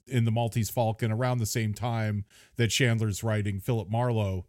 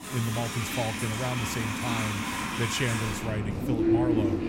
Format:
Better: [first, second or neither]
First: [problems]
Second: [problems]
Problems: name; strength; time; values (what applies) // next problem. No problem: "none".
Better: first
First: none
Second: animal sounds; very loud; throughout; 2 dB above the speech